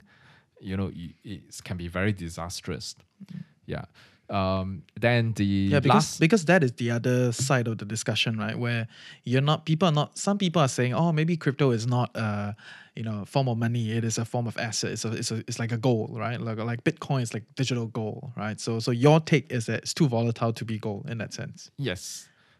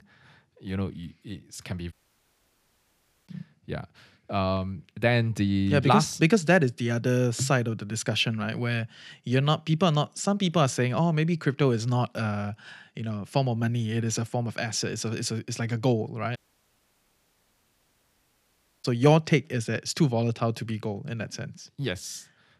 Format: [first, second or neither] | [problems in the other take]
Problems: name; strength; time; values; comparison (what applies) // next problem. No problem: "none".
first | audio cutting out; at 2 s for 1.5 s and at 16 s for 2.5 s